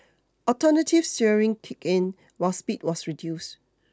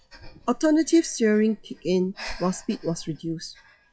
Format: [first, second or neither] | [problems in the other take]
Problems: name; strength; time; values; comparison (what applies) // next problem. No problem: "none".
first | noise reduction (classical method WPE with log-MMSE)